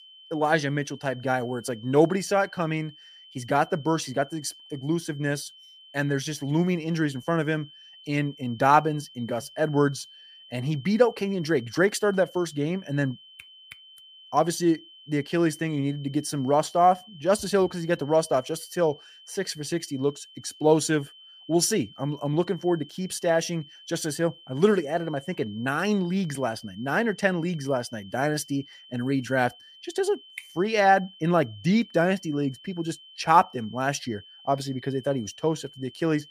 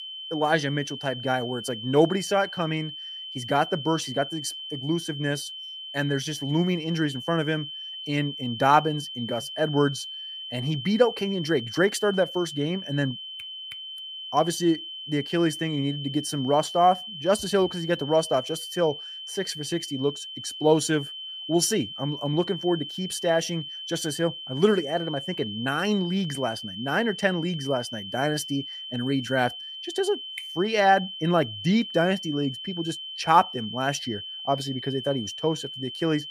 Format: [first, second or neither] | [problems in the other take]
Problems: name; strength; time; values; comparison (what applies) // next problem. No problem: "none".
first | high-pitched whine; loud; throughout; 3 kHz, 9 dB below the speech; faint in the first